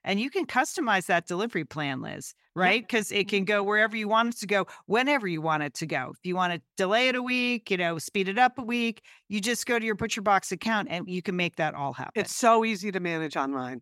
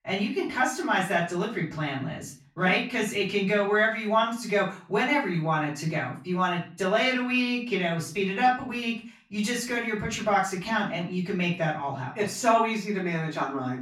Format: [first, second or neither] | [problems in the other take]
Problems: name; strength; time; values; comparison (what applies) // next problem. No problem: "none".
first | off-mic speech; far // room echo; slight; dies away in 0.4 s